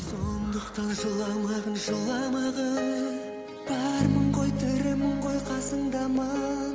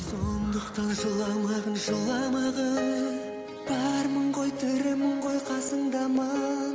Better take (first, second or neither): second